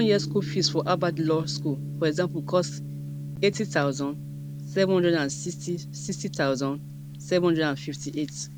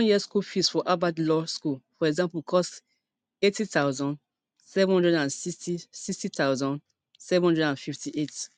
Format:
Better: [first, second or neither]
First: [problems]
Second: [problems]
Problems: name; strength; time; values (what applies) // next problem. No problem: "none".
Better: second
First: background sound (Gong); 8 dB below the speech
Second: none